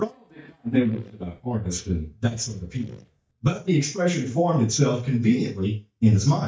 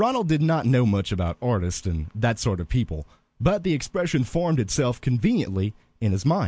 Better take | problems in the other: second | noise reduction (neural mask model DeepFilterNet 3)

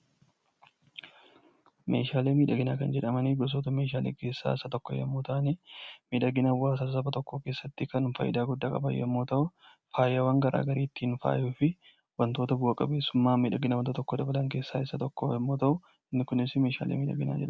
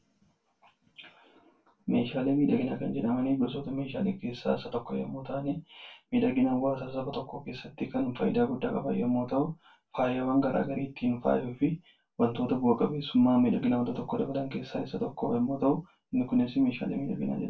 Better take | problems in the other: first | room echo; dies away in 0.2 s

